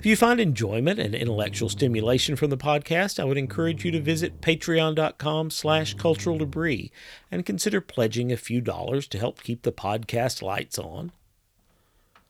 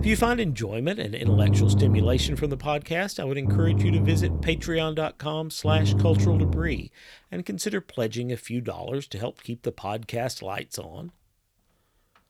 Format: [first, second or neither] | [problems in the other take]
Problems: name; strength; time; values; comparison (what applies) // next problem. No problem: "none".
first | low rumble; loud; until 7 s; 5 dB below the speech; faint in the first